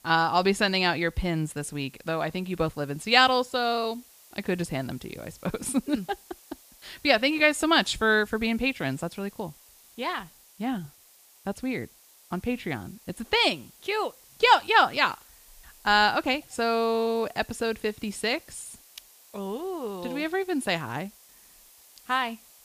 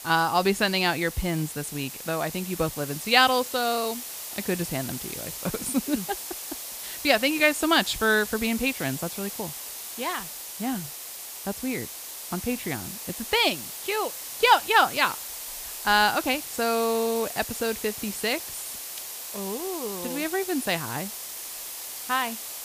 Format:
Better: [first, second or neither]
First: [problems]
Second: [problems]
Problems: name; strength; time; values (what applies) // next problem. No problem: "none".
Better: first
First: hiss; faint; throughout; 25 dB below the speech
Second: hiss; loud; throughout; 8 dB below the speech